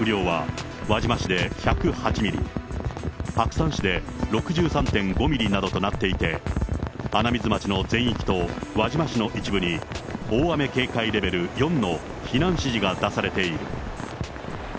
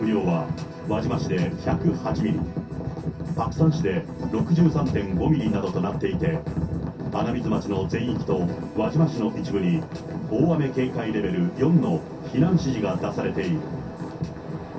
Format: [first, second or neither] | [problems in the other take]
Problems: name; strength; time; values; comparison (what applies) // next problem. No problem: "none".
first | room echo; dies away in 0.3 s